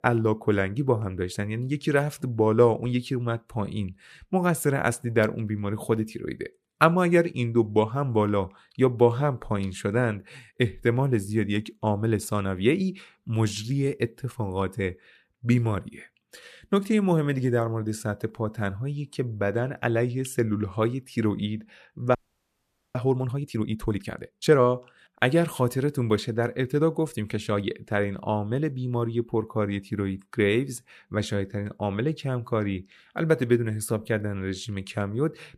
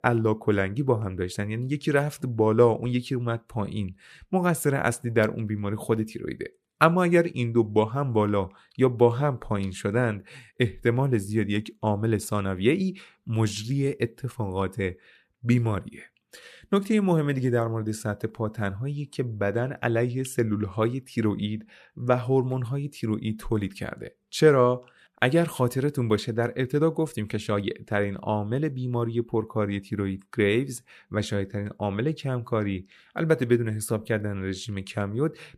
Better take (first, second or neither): second